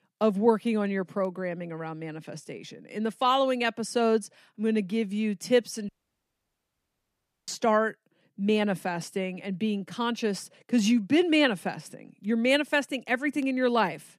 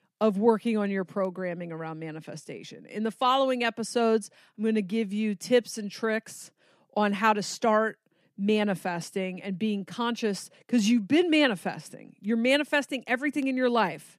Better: second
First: audio cutting out; at 6 s for 1.5 s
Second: none

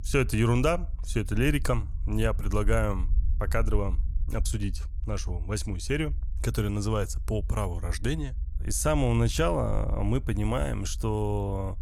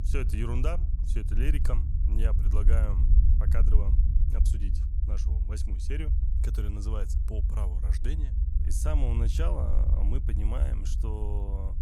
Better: first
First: low rumble; faint; throughout; 25 dB below the speech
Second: low rumble; loud; throughout; 6 dB below the speech

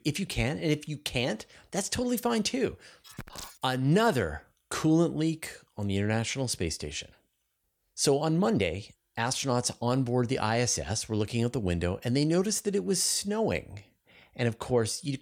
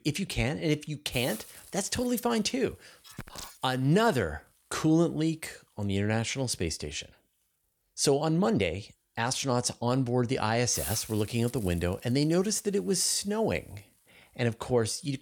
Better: first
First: none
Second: hiss; noticeable; throughout; 15 dB below the speech

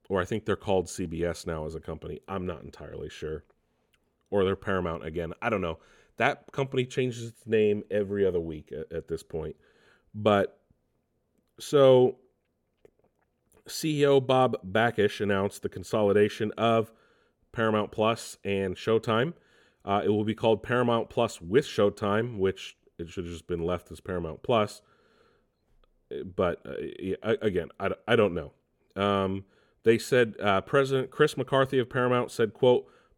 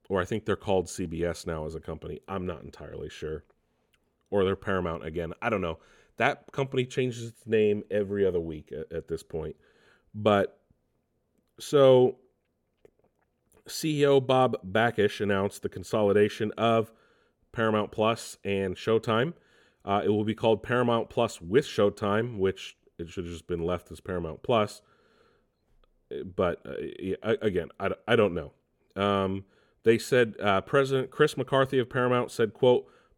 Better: neither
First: none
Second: none

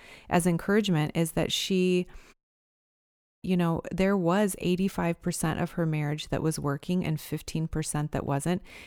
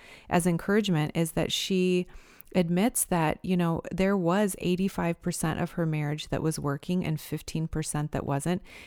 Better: second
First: audio cutting out; at 2.5 s for 1 s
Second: none

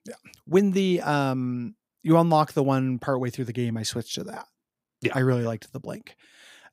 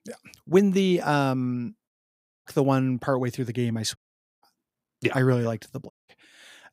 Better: first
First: none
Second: audio cutting out; at 2 s for 0.5 s, at 4 s and at 6 s

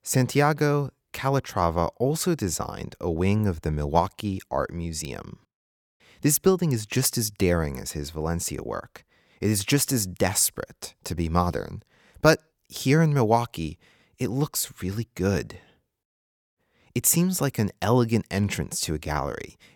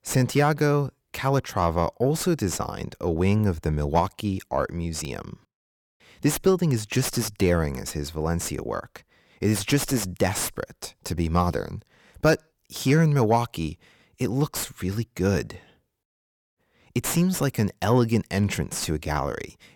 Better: first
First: none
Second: distortion; slight; 10 dB below the speech

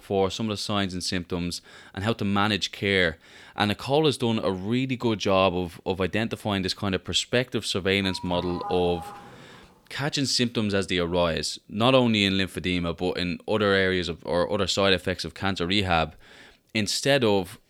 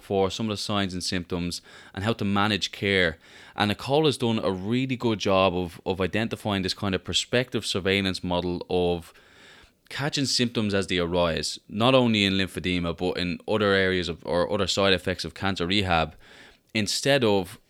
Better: second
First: doorbell; noticeable; from 8 to 9.5 s; peak 10 dB below the speech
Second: none

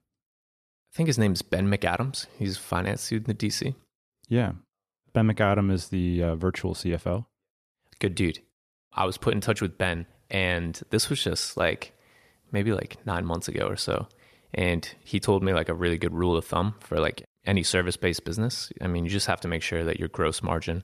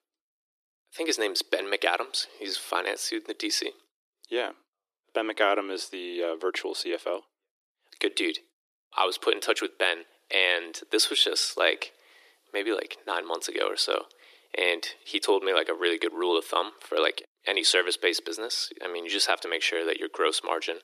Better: first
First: none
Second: thin; very; fading below 300 Hz

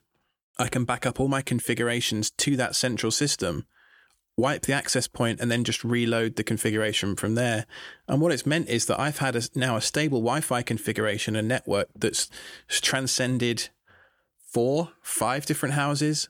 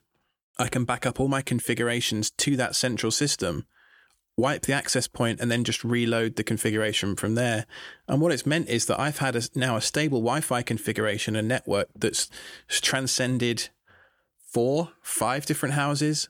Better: neither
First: none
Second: none

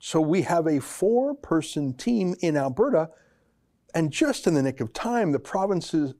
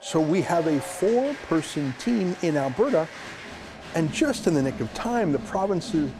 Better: first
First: none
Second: crowd noise; noticeable; throughout; 15 dB below the speech

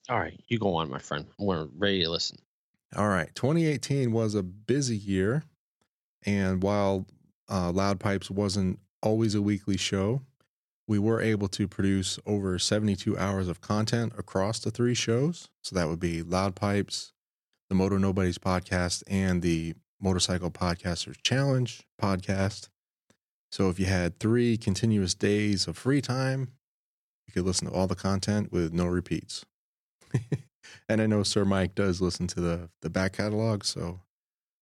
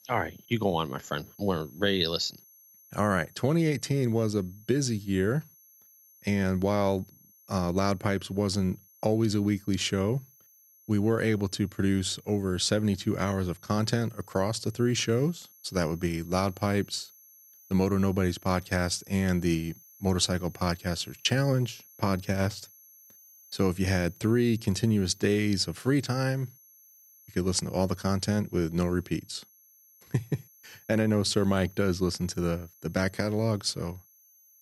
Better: first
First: none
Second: high-pitched whine; faint; throughout; 11.5 kHz, 25 dB below the speech

